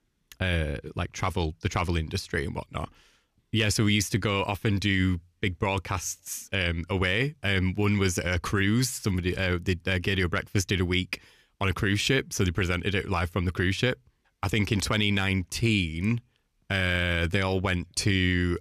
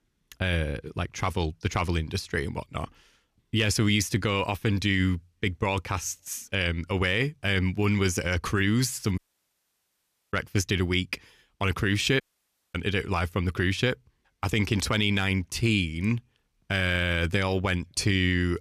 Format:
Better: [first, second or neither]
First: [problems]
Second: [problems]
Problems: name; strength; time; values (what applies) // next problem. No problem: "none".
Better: first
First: none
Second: audio cutting out; at 9 s for 1 s and at 12 s for 0.5 s